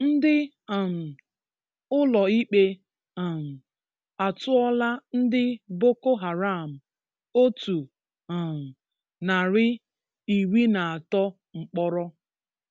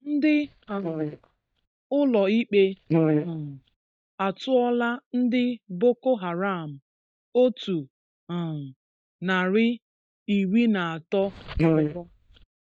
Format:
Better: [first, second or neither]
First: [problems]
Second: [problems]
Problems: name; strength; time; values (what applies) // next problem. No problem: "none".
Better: first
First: none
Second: noise reduction (neural mask model DeepFilterNet 3)